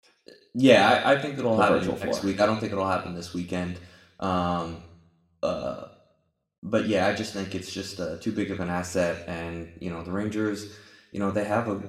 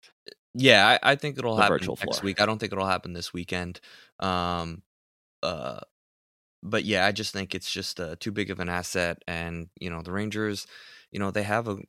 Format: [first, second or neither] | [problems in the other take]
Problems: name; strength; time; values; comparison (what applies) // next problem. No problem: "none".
second | room echo; slight; dies away in 0.7 s // off-mic speech; somewhat distant